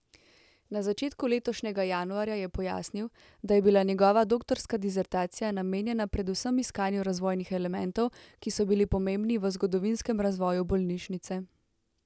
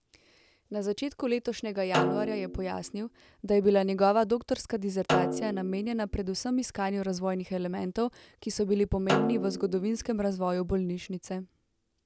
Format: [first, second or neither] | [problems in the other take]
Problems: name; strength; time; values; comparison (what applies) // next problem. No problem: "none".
first | background sound (Snare drum); 5 dB below the speech